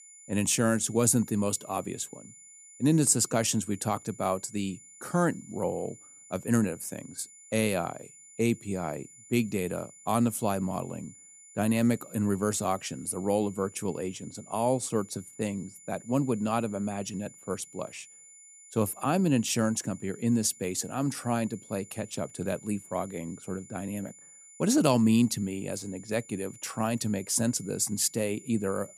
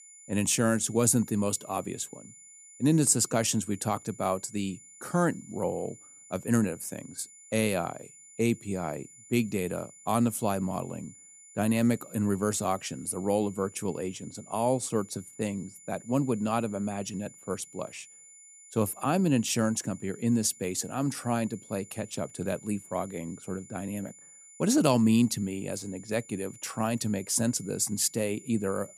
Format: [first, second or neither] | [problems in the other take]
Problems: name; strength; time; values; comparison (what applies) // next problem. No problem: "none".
neither | high-pitched whine; faint; throughout; 7 kHz, 20 dB below the speech; the same in both